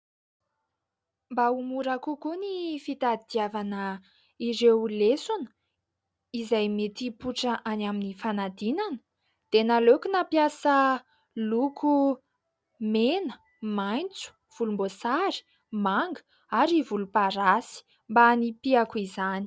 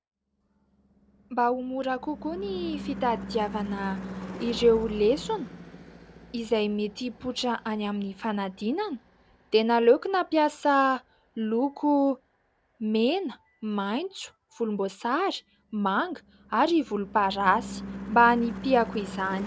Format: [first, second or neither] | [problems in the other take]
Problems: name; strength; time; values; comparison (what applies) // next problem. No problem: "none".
first | background sound (Car passing by / Engine / Truck); 15 dB below the speech